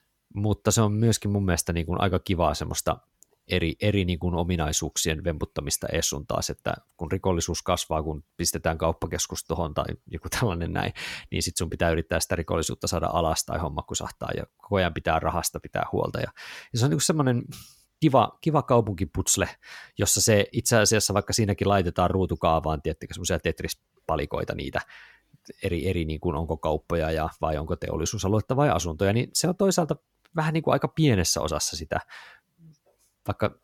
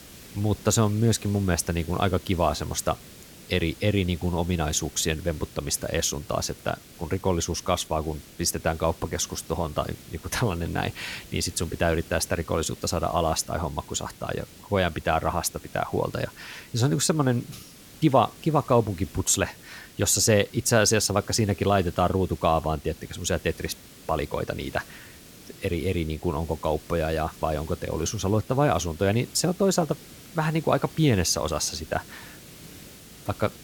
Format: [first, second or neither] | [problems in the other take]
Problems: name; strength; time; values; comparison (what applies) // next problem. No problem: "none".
first | hiss; noticeable; throughout; 20 dB below the speech